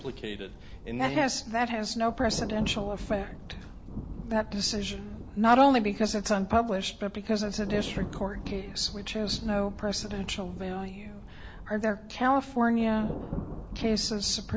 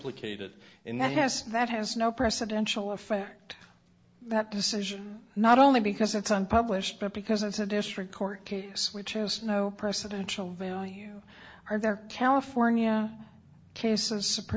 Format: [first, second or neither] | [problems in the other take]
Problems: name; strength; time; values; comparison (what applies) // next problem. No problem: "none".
second | background sound (Thunder); 11 dB below the speech